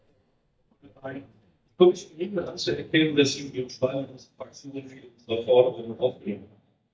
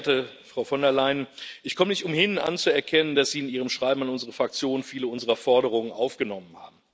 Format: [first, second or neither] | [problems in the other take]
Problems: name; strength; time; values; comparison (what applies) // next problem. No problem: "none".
second | noise reduction (neural mask model DeepFilterNet 3)